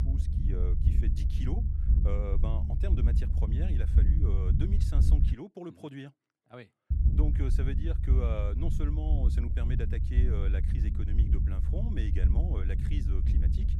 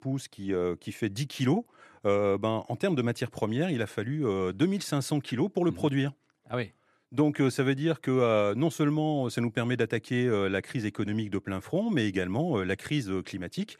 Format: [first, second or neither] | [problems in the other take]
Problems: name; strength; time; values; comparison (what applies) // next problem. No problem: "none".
second | low rumble; loud; until 5.5 s and from 7 s on; 2 dB below the speech